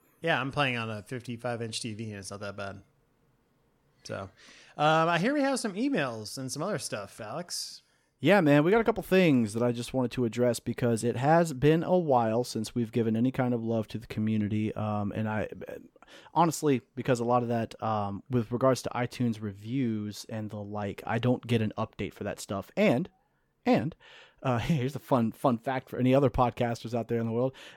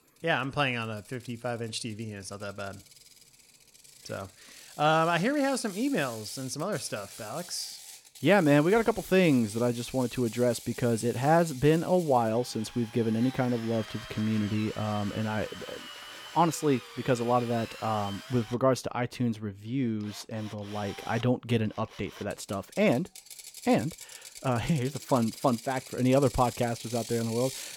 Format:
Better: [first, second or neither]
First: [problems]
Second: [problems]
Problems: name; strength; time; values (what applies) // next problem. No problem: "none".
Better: first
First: none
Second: machinery noise; noticeable; throughout; 15 dB below the speech